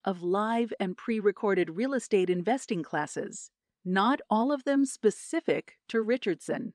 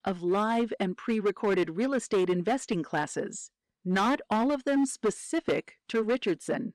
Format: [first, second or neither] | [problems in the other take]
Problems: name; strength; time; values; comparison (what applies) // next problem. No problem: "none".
first | distortion; slight; 9% of the sound clipped